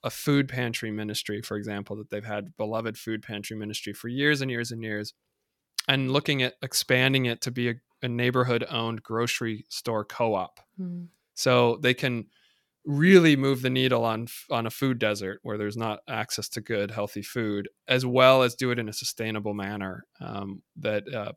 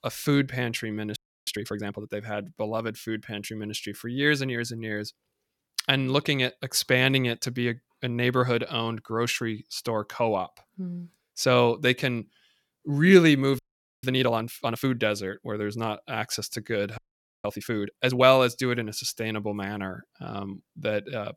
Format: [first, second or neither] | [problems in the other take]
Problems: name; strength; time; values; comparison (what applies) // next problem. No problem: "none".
first | audio freezing; at 1 s, at 14 s and at 17 s